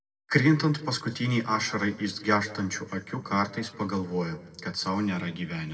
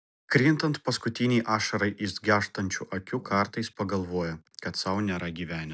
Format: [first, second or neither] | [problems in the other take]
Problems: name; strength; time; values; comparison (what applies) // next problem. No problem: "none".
second | room echo; dies away in 1.2 s